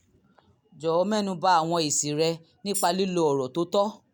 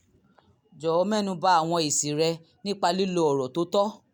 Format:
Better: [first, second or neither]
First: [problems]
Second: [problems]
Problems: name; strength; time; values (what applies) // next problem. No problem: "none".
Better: second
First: background sound (Tambourine); 7 dB below the speech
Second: none